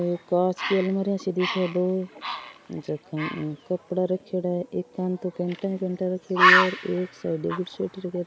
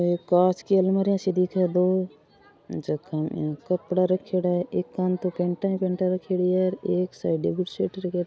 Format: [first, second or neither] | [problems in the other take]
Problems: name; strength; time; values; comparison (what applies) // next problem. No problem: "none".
second | background sound (Bird); 2 dB below the speech